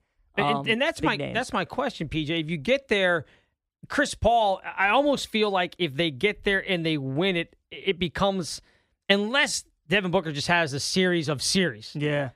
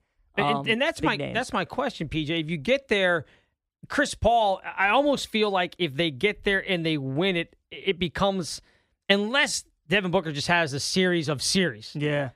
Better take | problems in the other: neither | none

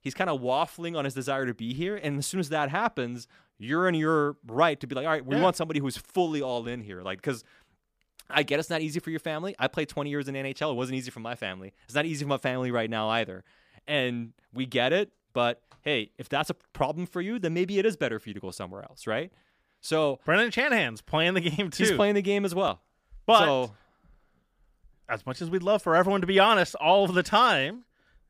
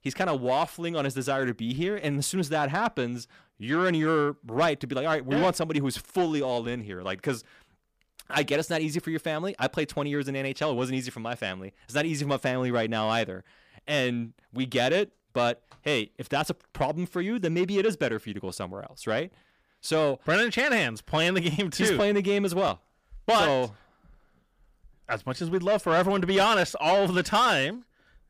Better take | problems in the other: first | distortion; slight; 10 dB below the speech

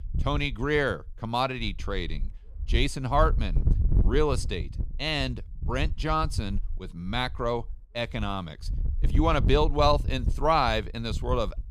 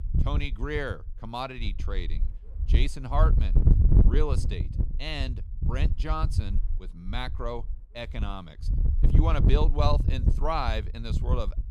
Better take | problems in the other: first | wind noise on the microphone; heavy; 8 dB below the speech; occasional gusts in the first

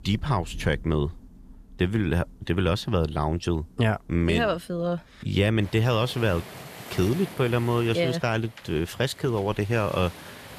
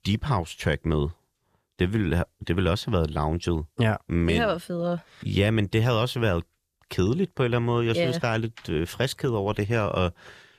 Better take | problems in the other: second | rain or running water; noticeable; throughout; 20 dB below the speech

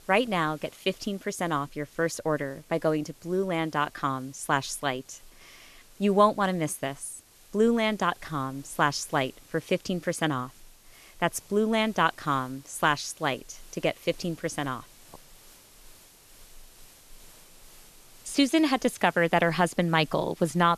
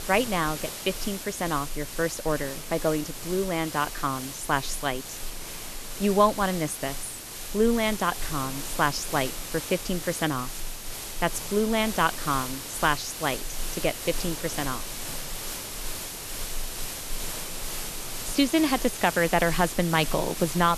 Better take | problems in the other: first | hiss; loud; throughout; 7 dB below the speech; faint in the first

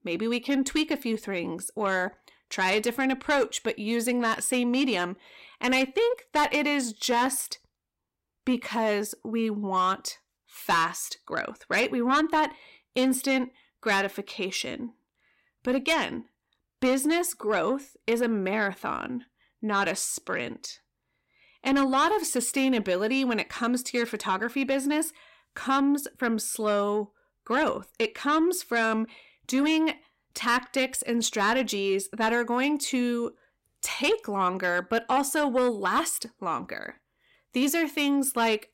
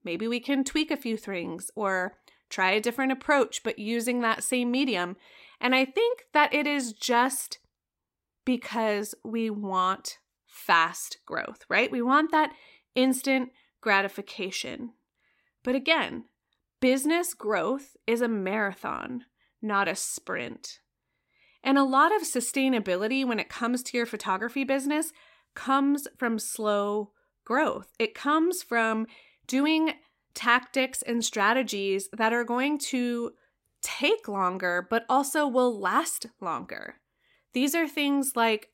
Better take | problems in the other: second | distortion; slight; 10 dB below the speech

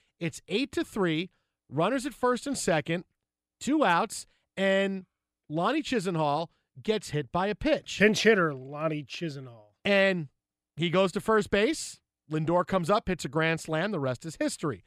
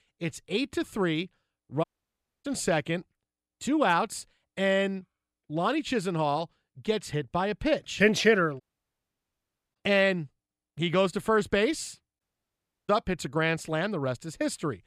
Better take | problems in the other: first | audio cutting out; at 2 s for 0.5 s, at 8.5 s for 1 s and at 12 s for 0.5 s

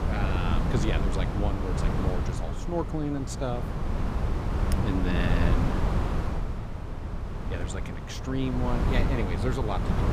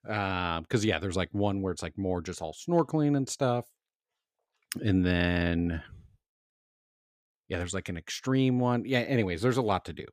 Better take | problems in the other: second | wind noise on the microphone; heavy; 1 dB below the speech

